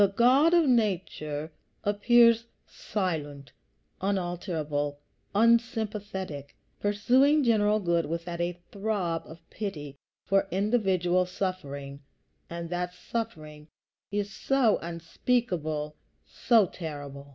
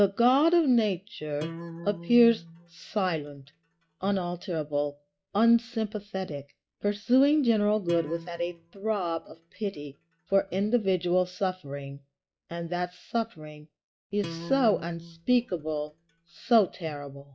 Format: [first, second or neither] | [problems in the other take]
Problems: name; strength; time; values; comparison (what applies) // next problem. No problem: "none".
first | noise reduction (classical method log-MMSE)